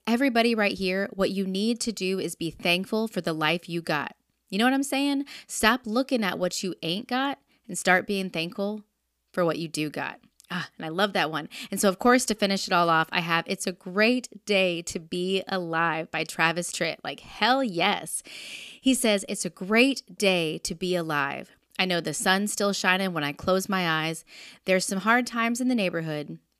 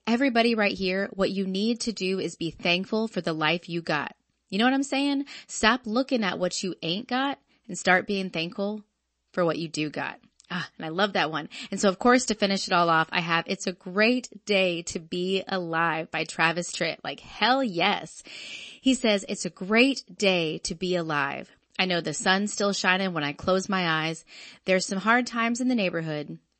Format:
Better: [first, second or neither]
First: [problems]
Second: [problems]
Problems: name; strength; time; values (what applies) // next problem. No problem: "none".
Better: first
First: none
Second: garbled, watery; slightly; nothing above 8 kHz